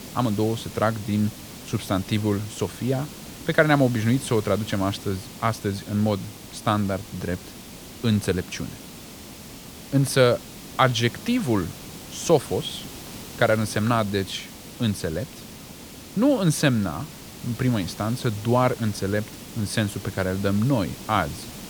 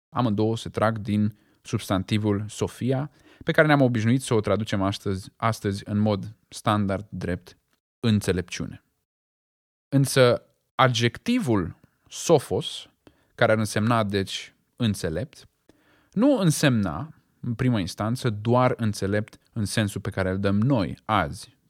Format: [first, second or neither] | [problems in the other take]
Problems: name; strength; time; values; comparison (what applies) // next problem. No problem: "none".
second | hiss; noticeable; throughout; 15 dB below the speech